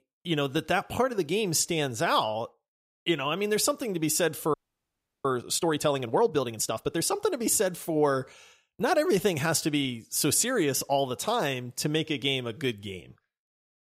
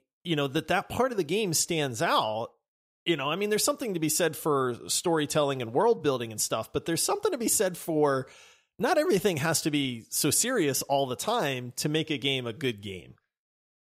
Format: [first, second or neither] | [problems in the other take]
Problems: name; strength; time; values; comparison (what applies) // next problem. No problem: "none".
second | audio freezing; at 4.5 s for 0.5 s